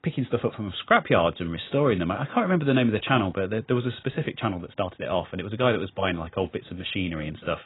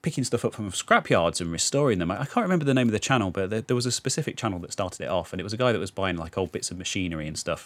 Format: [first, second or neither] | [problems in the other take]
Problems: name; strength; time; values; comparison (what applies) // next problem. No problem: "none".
second | garbled, watery; badly; nothing above 4 kHz